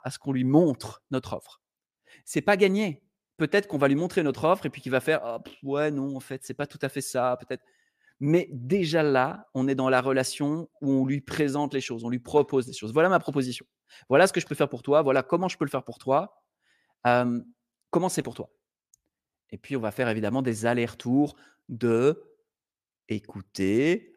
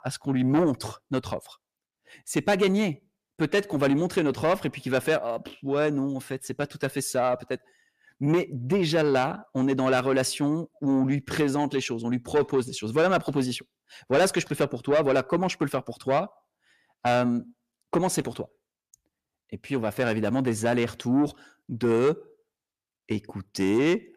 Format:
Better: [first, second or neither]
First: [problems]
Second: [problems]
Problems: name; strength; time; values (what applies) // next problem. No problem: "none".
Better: first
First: none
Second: distortion; slight; 10 dB below the speech